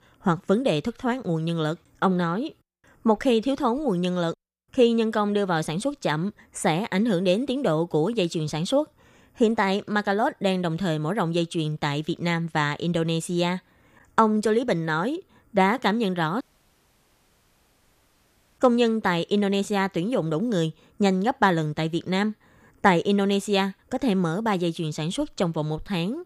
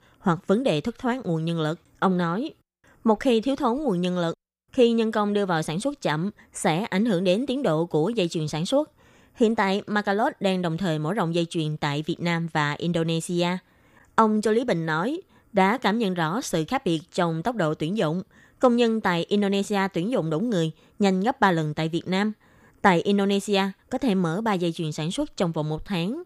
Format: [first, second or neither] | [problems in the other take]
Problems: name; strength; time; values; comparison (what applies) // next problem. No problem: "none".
second | audio cutting out; at 16 s for 2 s